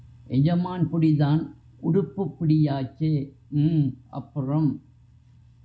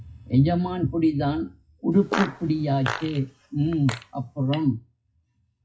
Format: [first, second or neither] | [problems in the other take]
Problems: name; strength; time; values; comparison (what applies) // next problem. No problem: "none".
first | noise reduction (classical method WPE with log-MMSE)